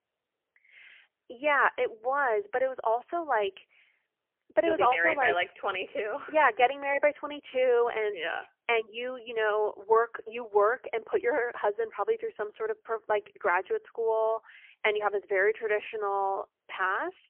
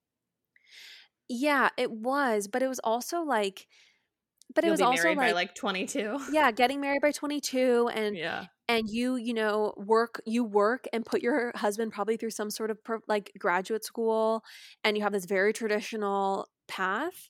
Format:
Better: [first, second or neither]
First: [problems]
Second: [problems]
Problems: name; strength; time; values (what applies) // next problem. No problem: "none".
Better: second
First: phone-call audio; poor line; nothing above 3 kHz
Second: none